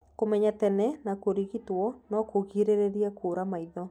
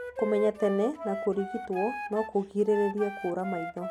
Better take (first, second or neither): first